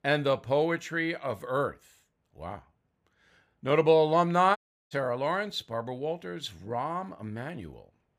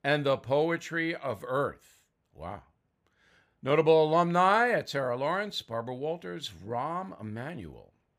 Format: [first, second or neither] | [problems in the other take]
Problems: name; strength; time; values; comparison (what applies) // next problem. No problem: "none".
second | audio cutting out; at 4.5 s